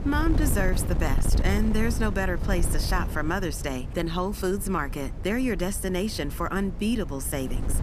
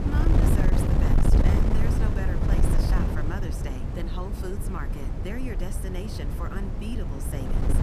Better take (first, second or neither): first